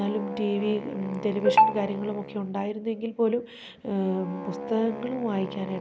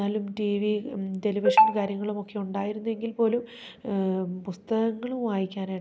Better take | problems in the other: second | background sound (Wind instrument, woodwind instrument); 12 dB below the speech

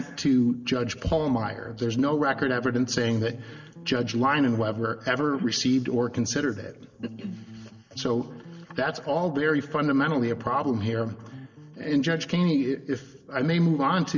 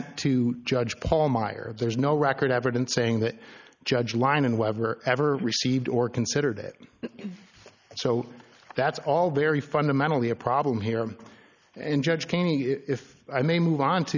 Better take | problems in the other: second | noise reduction (neural separator model SepFormer DNS4)

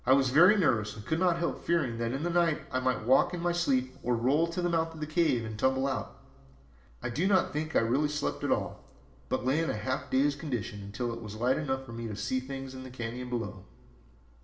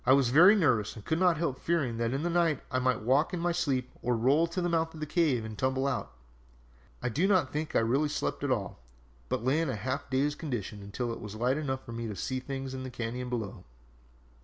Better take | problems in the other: second | room echo; dies away in 1.6 s

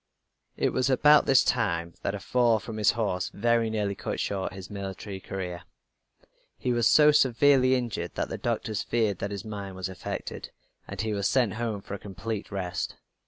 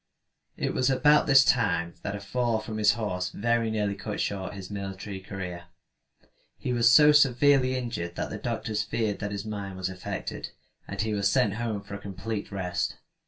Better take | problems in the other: first | room echo; dies away in 0.2 s

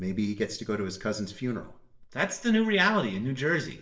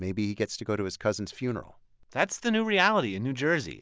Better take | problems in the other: second | room echo; dies away in 0.5 s

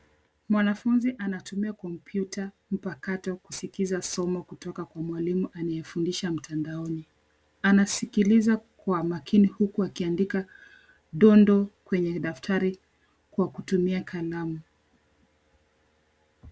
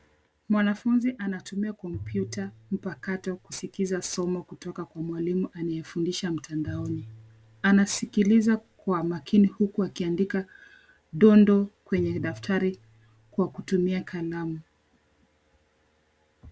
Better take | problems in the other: first | background sound (Bowed string instrument); 16 dB below the speech

